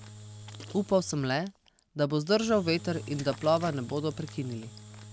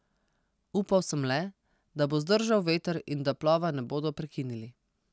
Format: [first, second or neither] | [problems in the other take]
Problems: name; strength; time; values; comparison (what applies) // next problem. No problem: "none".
second | background sound (Engine / Drill); 16 dB below the speech